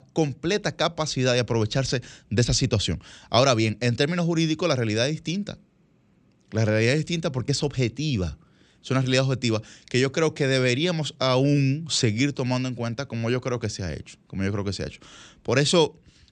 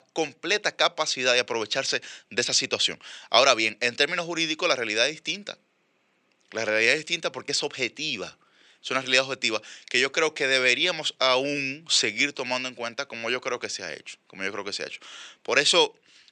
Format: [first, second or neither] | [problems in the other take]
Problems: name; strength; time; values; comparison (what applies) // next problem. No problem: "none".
first | thin; very; fading below 500 Hz